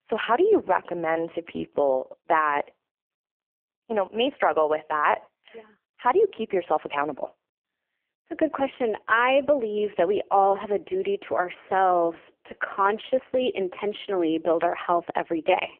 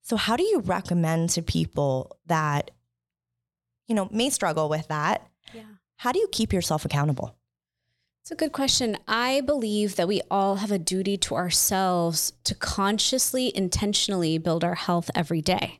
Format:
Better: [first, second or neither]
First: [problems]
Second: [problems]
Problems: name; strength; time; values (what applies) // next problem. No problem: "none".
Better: second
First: phone-call audio; poor line; nothing above 3 kHz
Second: none